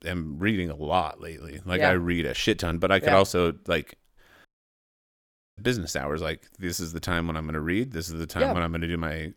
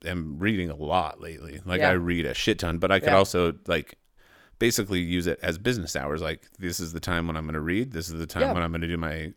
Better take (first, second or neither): second